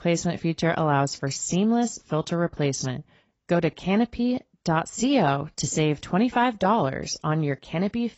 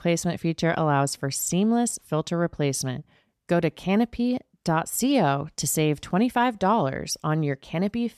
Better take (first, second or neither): second